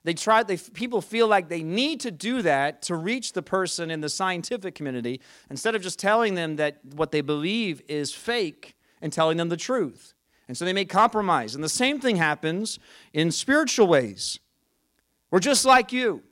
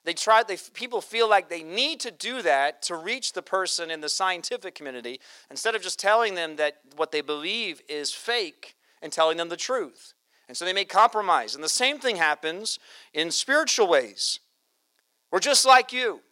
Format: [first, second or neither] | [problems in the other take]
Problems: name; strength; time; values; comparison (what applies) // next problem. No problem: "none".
first | thin; somewhat; fading below 600 Hz